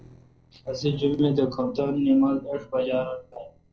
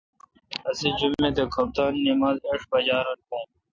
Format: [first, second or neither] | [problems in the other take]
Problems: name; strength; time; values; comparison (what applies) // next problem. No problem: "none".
second | noise reduction (neural separator model SepFormer DNS4)